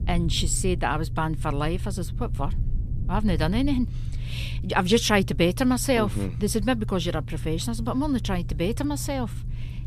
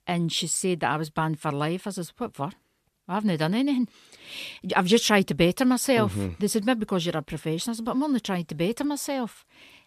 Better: second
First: low rumble; noticeable; throughout; 20 dB below the speech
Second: none

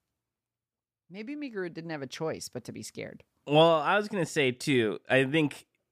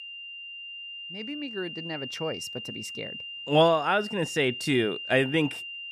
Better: first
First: none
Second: high-pitched whine; loud; throughout; 3 kHz, 10 dB below the speech

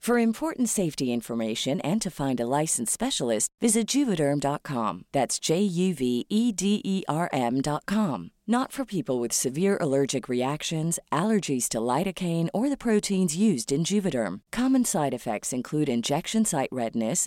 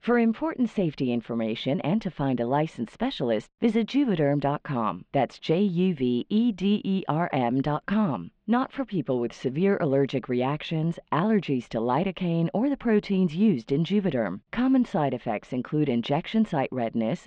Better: first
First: none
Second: muffled; very; fading above 3 kHz

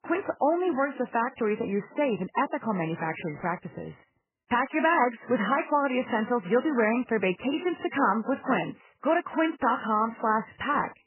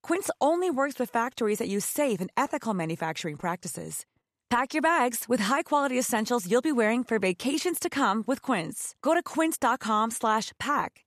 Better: second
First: garbled, watery; badly; nothing above 3 kHz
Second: none

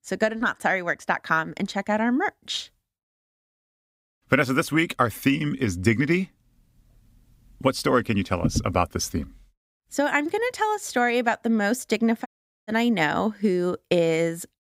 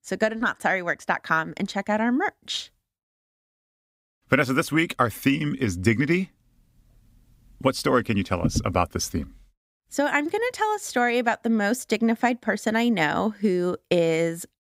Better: second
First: audio cutting out; at 12 s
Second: none

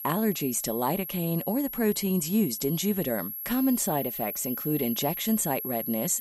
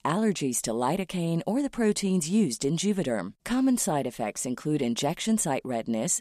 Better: second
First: high-pitched whine; loud; throughout; 11.5 kHz, 5 dB below the speech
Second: none

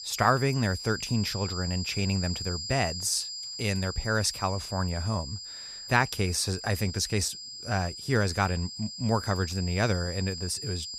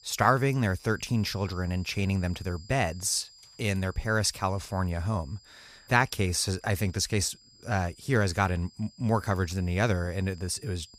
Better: second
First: high-pitched whine; loud; throughout; 5 kHz, 7 dB below the speech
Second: high-pitched whine; faint; throughout; 5 kHz, 25 dB below the speech

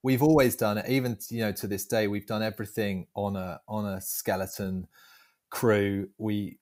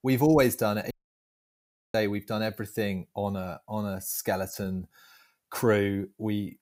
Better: first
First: none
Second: audio cutting out; at 1 s for 1 s

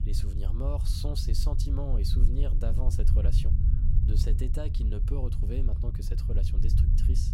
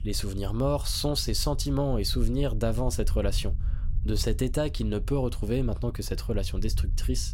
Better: second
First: low rumble; loud; throughout; 4 dB below the speech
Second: low rumble; faint; throughout; 20 dB below the speech

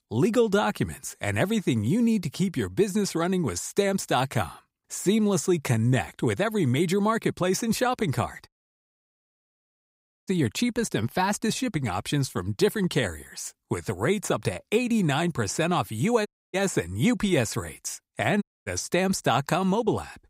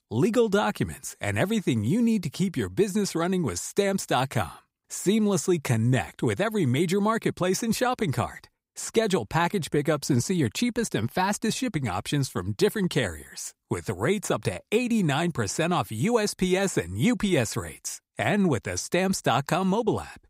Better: second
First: audio cutting out; at 8.5 s for 2 s, at 16 s and at 18 s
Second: none

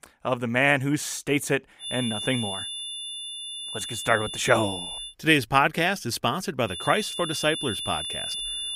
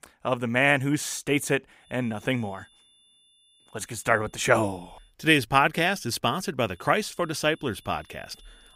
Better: second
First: high-pitched whine; loud; from 2 to 5 s and from 6.5 s on; 3.5 kHz, 6 dB below the speech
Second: high-pitched whine; faint; from 2 to 5 s and from 6.5 s on; 3.5 kHz, 30 dB below the speech

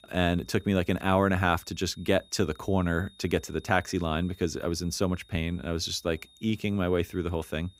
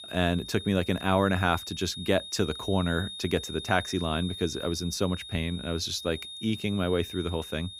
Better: first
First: high-pitched whine; faint; throughout; 3.5 kHz, 25 dB below the speech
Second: high-pitched whine; loud; throughout; 3.5 kHz, 10 dB below the speech

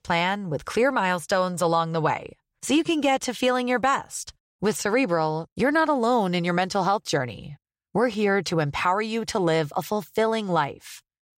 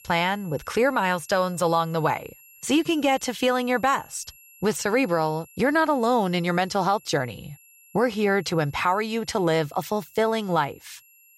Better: first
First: none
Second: high-pitched whine; faint; throughout; 11.5 kHz, 25 dB below the speech

